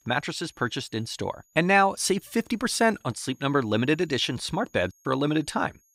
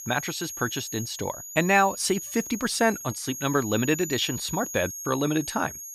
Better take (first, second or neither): first